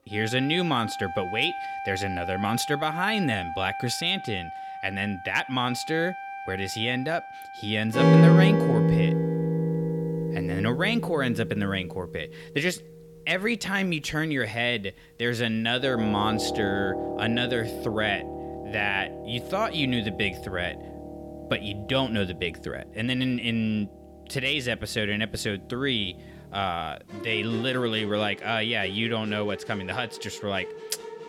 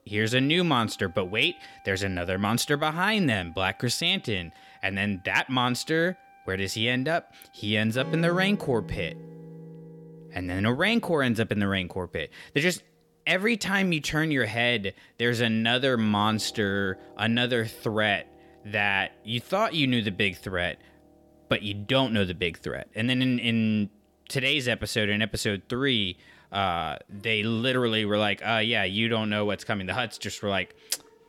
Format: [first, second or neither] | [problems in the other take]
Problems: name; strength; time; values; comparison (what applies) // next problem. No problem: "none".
second | background music; loud; throughout; 1 dB below the speech; faint in the second